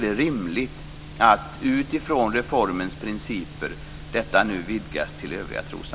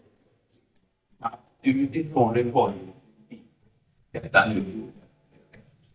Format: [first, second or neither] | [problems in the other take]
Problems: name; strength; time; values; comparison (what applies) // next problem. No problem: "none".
first | noise reduction (neural mask model DeepFilterNet 3)